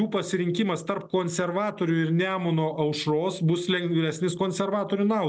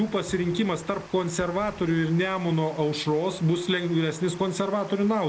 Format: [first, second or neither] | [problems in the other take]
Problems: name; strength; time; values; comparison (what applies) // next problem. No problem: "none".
first | background sound (Water); 20 dB below the speech